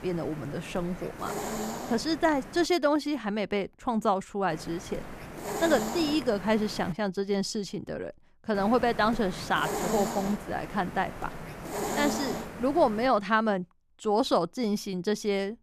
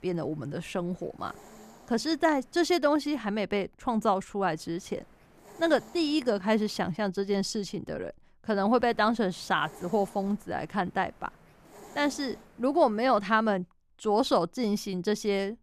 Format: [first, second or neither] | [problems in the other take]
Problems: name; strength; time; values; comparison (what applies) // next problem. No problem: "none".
second | hiss; loud; until 2.5 s, from 4.5 to 7 s and from 8.5 to 13 s; 8 dB below the speech; faint in the second